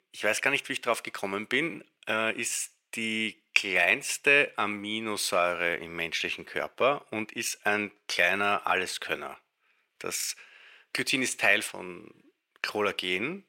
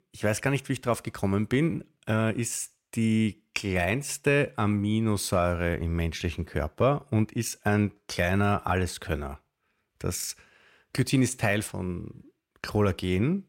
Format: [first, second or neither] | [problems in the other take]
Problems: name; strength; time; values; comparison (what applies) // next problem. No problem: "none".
second | thin; somewhat; fading below 400 Hz